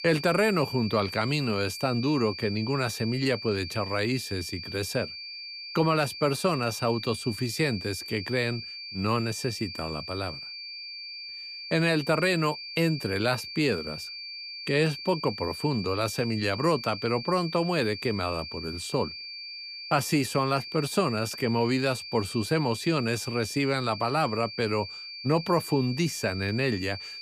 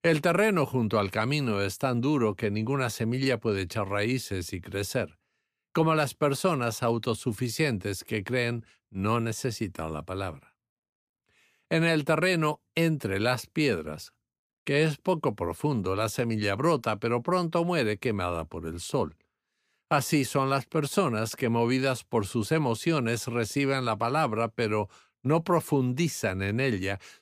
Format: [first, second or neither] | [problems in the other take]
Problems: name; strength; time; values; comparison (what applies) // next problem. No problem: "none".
second | high-pitched whine; loud; throughout; 4.5 kHz, 9 dB below the speech